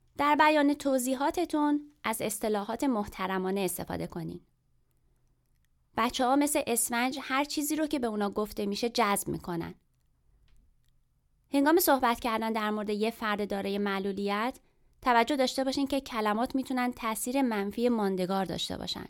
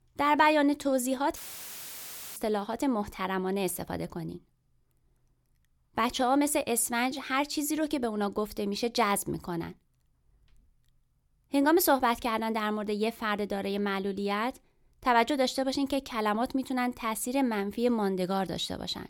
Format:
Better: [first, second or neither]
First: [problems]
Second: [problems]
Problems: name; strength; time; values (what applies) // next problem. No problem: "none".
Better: first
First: none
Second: audio cutting out; filled with static; at 1.5 s for 1 s